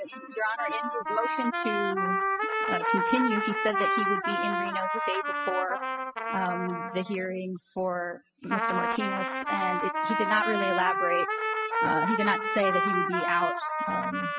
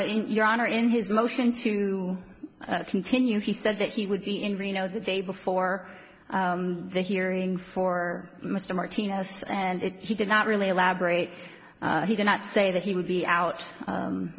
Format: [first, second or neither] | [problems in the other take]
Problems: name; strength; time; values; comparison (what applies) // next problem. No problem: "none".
second | noise reduction (classical method spectral subtraction)